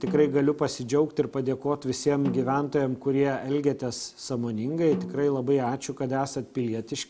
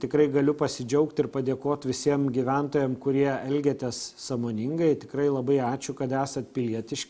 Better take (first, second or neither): second